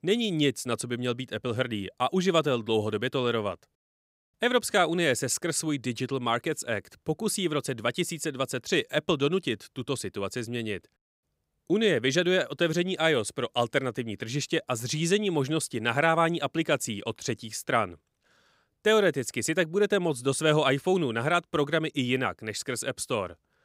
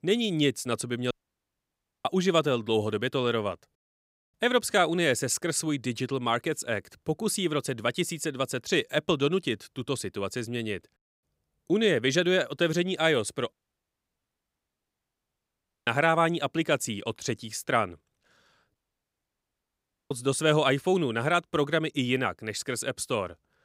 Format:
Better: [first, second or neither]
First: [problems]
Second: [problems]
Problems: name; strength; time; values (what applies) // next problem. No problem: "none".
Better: first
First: none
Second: audio cutting out; at 1 s for 1 s, at 14 s for 2.5 s and at 19 s for 1.5 s